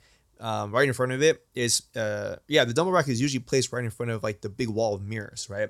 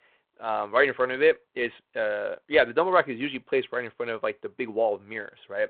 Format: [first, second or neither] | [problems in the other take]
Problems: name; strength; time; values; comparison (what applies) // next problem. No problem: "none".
first | phone-call audio; nothing above 4 kHz